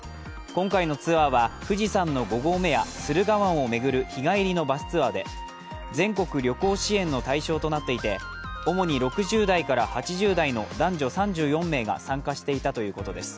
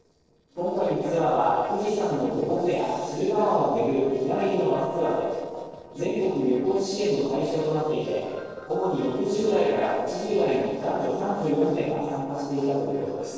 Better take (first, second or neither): first